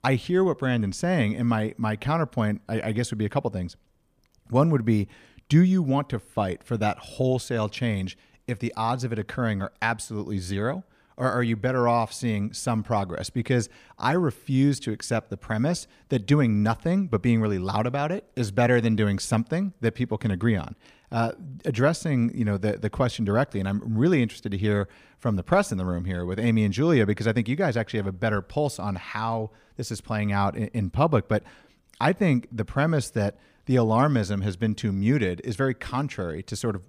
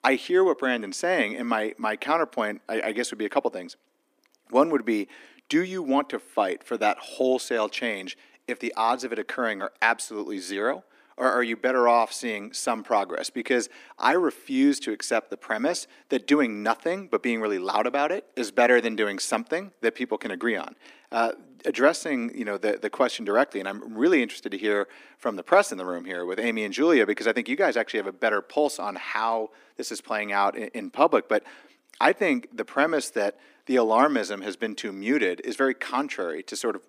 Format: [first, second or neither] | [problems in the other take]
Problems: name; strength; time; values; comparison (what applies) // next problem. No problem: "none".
first | thin; somewhat; fading below 300 Hz